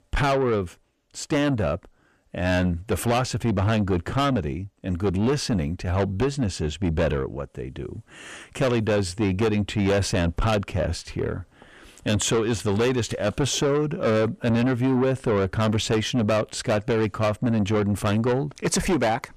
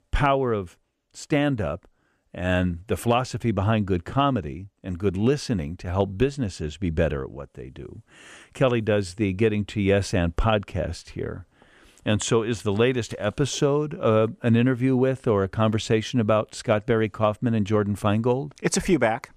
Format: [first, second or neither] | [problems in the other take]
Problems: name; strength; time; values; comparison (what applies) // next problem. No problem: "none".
second | distortion; heavy; 8 dB below the speech